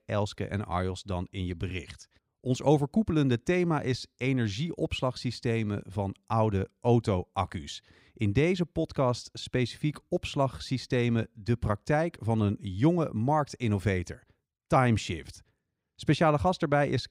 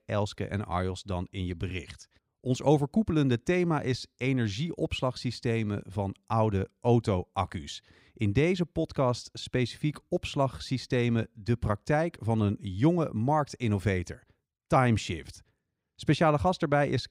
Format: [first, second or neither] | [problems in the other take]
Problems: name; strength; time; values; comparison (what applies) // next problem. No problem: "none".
neither | none